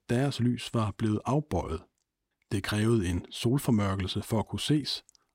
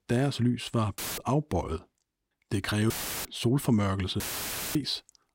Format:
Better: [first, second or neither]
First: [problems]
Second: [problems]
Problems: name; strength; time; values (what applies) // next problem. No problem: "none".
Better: first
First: none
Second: audio cutting out; filled with static; at 1 s, at 3 s and at 4 s for 0.5 s